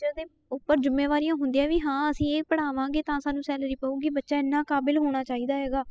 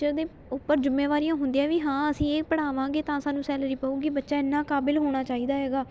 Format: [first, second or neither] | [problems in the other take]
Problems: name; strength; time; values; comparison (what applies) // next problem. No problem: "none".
second | noise reduction (classical method spectral subtraction)